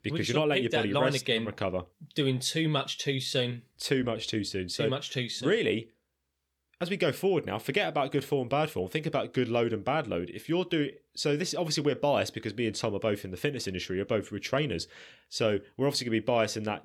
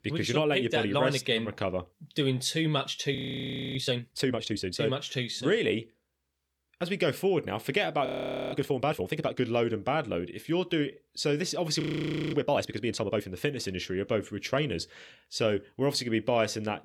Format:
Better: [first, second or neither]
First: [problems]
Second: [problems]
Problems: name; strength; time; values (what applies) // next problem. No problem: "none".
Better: first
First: none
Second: audio freezing; at 3 s for 0.5 s, at 8 s and at 12 s for 0.5 s